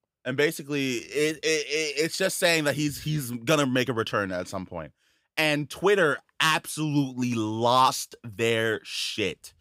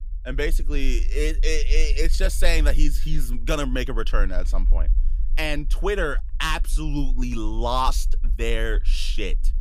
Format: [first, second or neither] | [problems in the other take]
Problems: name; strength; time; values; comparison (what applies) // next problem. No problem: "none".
first | low rumble; faint; throughout; 25 dB below the speech